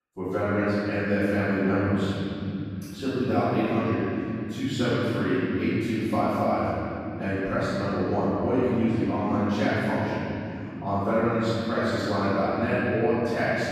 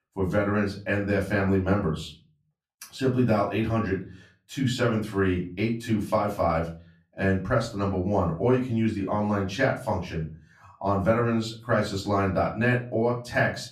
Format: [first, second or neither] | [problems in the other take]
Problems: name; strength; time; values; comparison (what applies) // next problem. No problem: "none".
second | room echo; strong; dies away in 3 s; slight in the second // off-mic speech; far; far in the second